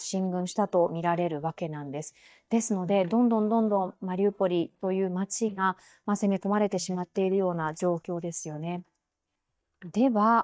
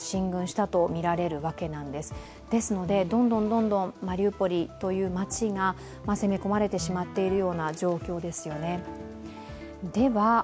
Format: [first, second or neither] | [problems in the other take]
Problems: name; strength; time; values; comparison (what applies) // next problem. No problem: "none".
second | noise reduction (neural mask model DeepFilterNet 3)